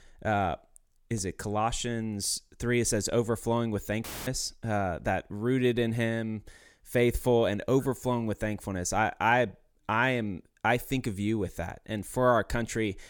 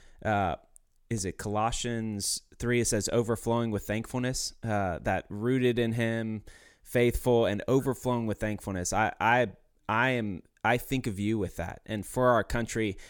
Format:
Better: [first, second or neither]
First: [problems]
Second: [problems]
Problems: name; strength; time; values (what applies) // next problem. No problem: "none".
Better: second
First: audio cutting out; filled with static; at 4 s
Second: none